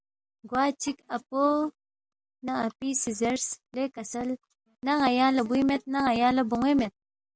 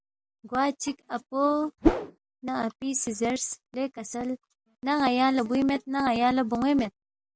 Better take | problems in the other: first | background sound (Whoosh, swoosh, swish); 4 dB above the speech

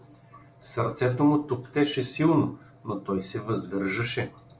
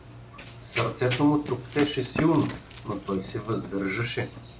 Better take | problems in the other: first | background sound (Run); 11 dB below the speech

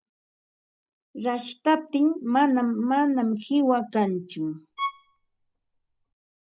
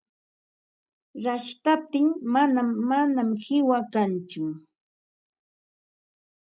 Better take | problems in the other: second | background sound (Bowed string instrument); 11 dB below the speech

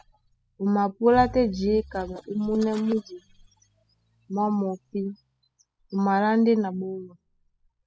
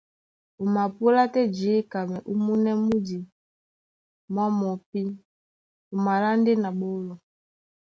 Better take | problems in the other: second | noise reduction (classical method spectral subtraction)

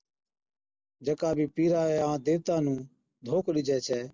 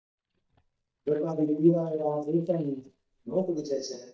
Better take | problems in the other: first | noise reduction (neural mask model DeepFilterNet 3)

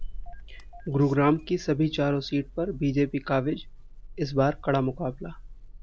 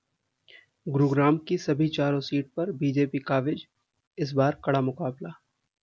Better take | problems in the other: second | background sound (Engine starting / Car); 14 dB below the speech

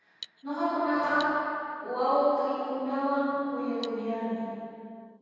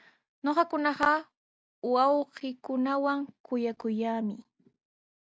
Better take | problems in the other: second | background sound (Cutlery, silverware); 19 dB below the speech // room echo; dies away in 2.2 s

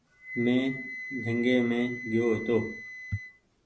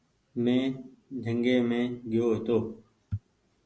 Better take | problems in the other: second | background sound (Wind instrument, woodwind instrument); 11 dB below the speech

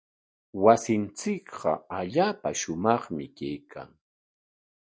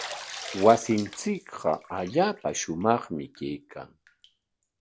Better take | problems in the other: first | background sound (Bathtub (filling or washing)); 16 dB below the speech

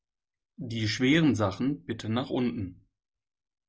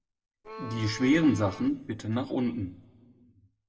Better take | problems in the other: first | background sound (Bowed string instrument); 13 dB below the speech // room echo; dies away in 1 s

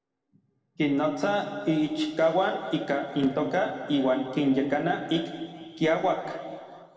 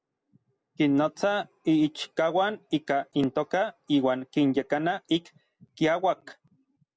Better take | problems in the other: second | room echo; dies away in 2.3 s

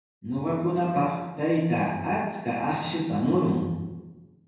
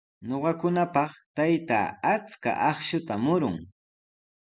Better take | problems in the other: second | room echo; dies away in 1 s

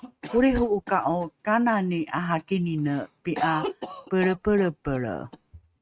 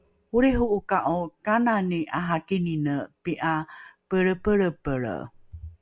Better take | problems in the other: second | noise reduction (neural mask model RNNoise)

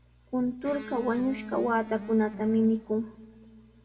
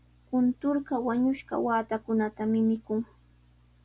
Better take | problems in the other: second | background sound (Electric guitar); 12 dB below the speech // room echo; dies away in 0.3 s

